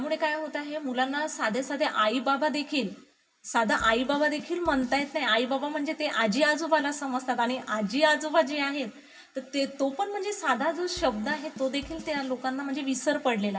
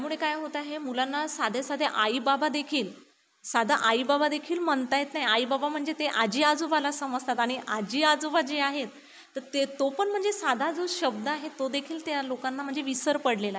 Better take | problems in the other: second | background sound (Drum kit); 20 dB below the speech // room echo; dies away in 0.4 s

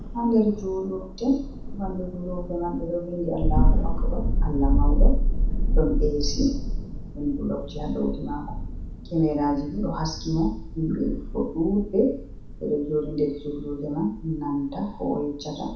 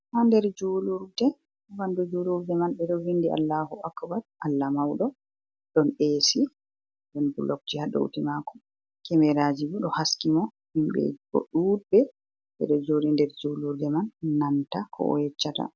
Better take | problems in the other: second | background sound (Thunder); 2 dB above the speech // room echo; dies away in 0.7 s

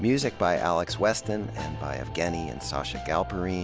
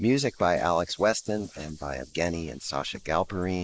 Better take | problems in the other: first | noise reduction (neural mask model Resemble Enhance denoiser)

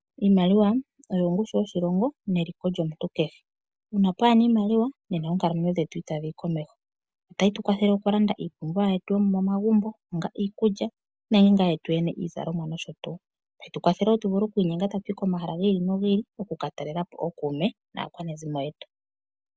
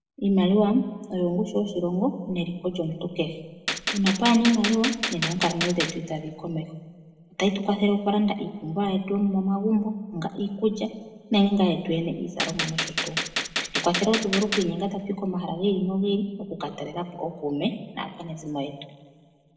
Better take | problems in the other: first | background sound (Gunshot, gunfire); 4 dB below the speech // room echo; dies away in 1.5 s

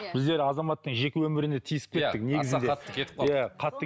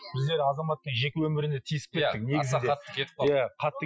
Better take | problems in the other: first | noise reduction (classical method Wiener filter)

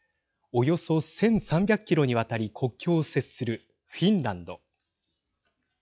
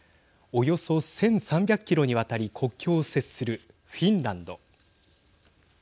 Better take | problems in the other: second | noise reduction (classical method log-MMSE)

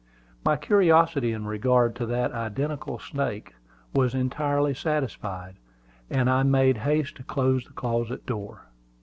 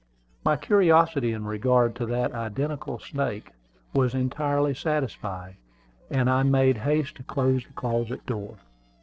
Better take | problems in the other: first | noise reduction (neural separator model SepFormer DNS4)

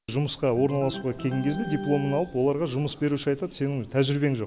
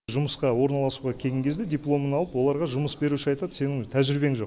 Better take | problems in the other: second | background sound (Organ); 14 dB below the speech

